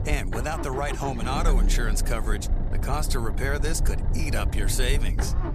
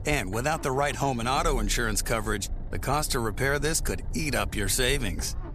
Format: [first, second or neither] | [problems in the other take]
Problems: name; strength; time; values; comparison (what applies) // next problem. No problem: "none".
second | low rumble; loud; throughout; 8 dB below the speech; faint in the second